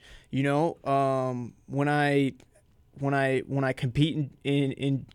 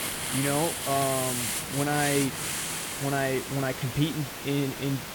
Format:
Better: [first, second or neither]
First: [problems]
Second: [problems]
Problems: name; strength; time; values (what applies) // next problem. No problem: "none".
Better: first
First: none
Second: hiss; loud; throughout; 1 dB below the speech